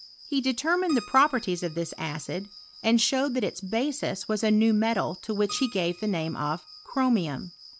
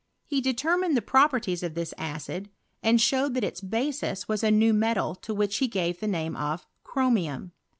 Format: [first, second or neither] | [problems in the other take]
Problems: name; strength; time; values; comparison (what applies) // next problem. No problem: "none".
second | background sound (Cricket + Keyboard (musical)); 20 dB below the speech